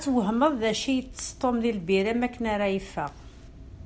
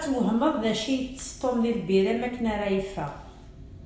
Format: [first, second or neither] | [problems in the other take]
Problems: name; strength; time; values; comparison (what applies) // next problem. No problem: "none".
first | room echo; dies away in 0.8 s